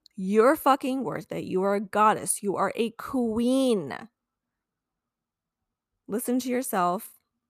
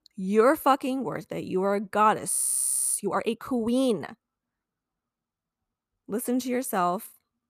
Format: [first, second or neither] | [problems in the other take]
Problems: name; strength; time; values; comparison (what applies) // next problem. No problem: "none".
first | audio freezing; at 2.5 s for 0.5 s